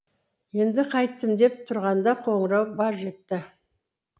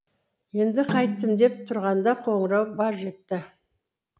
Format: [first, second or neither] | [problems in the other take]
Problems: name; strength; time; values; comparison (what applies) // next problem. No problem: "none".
first | background sound (Snare drum); 9 dB below the speech